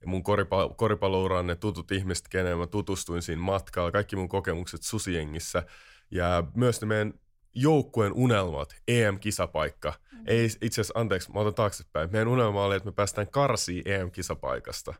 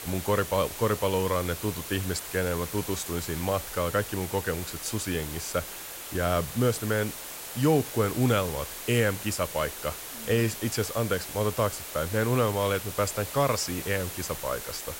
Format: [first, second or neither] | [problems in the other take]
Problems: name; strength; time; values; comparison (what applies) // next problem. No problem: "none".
first | hiss; loud; throughout; 8 dB below the speech